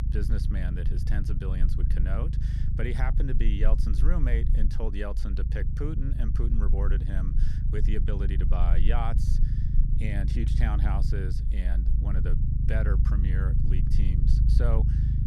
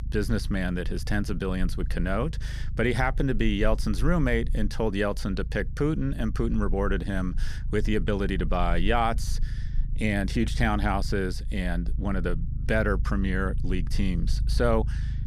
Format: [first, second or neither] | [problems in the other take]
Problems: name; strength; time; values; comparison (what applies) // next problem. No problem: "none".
second | low rumble; loud; throughout; 4 dB below the speech; faint in the second